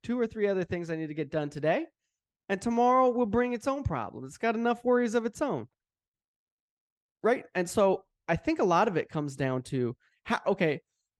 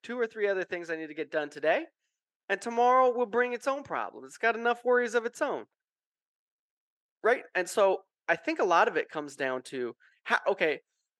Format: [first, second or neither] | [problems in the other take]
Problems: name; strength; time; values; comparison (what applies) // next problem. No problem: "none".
first | thin; somewhat; fading below 450 Hz